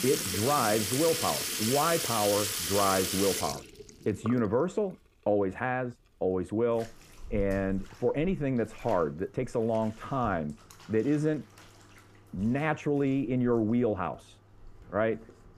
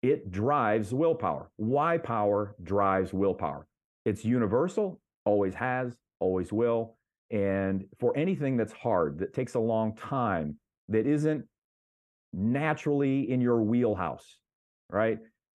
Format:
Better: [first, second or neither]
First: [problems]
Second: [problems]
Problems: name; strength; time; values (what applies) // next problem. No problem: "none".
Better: second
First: household noises; loud; throughout; 2 dB below the speech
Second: none